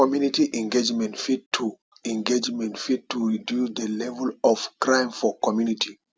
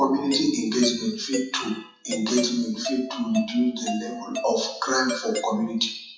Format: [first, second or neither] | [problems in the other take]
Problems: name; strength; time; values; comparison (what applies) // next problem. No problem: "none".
first | noise reduction (classical method WPE with log-MMSE)